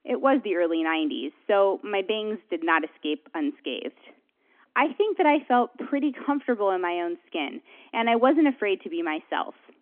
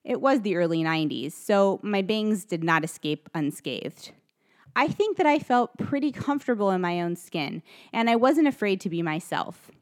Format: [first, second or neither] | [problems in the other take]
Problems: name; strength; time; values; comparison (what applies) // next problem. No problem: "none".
second | phone-call audio; nothing above 3.5 kHz